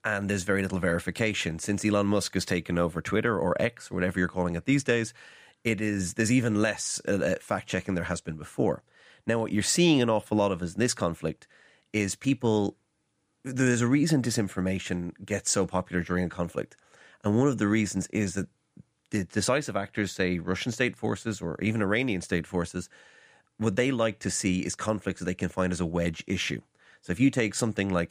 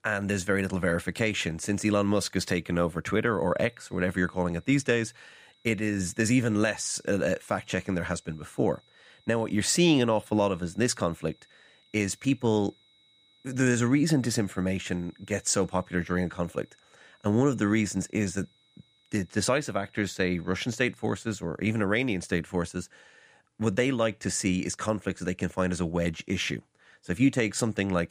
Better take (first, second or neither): first